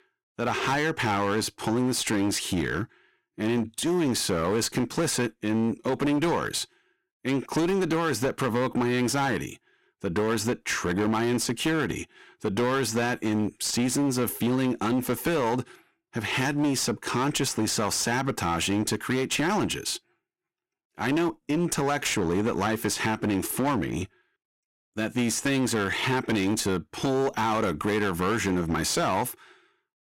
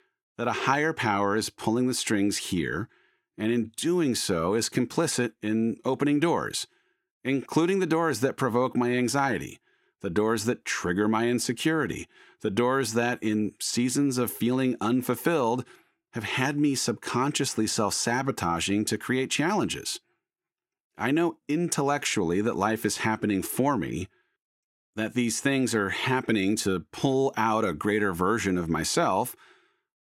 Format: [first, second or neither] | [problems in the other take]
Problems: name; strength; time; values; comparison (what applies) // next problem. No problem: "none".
second | distortion; slight; 17% of the sound clipped